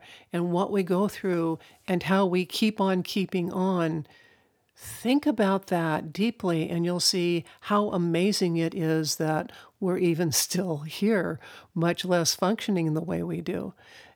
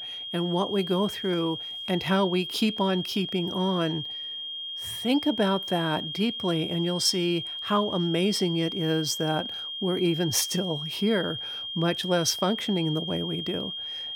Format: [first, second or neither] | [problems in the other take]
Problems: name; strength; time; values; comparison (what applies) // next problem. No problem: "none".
first | high-pitched whine; loud; throughout; 3 kHz, 5 dB below the speech